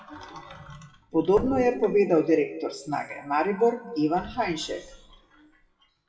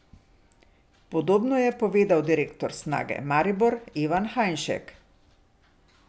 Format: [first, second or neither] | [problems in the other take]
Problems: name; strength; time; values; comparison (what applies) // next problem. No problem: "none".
second | noise reduction (classical method WPE with log-MMSE)